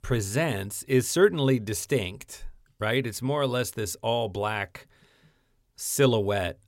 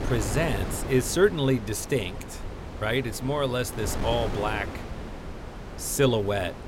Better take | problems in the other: first | wind noise on the microphone; occasional gusts; 10 dB below the speech

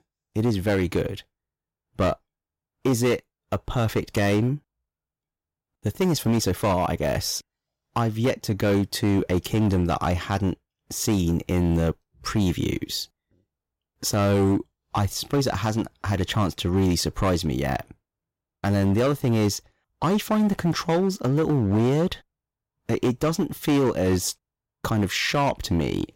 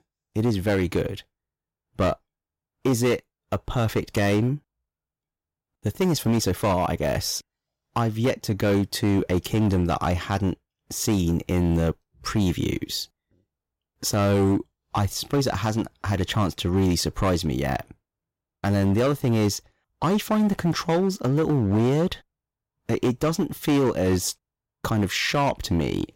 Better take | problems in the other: neither | distortion; slight; 9% of the sound clipped; the same in both

